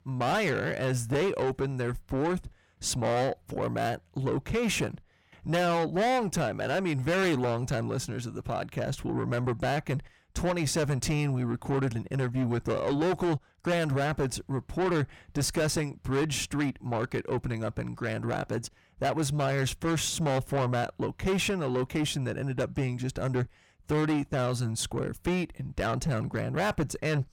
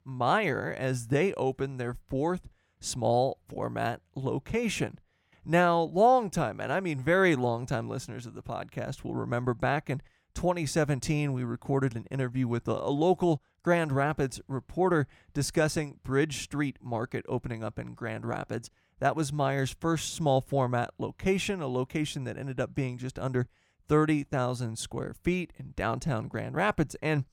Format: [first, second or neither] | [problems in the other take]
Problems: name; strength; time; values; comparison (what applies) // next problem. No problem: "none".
second | distortion; heavy; 6 dB below the speech